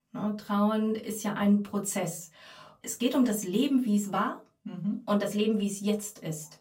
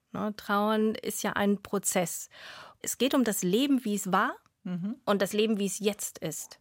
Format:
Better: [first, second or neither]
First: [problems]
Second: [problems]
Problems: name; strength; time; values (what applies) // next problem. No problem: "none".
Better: second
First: off-mic speech; far // room echo; very slight; dies away in 0.2 s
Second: none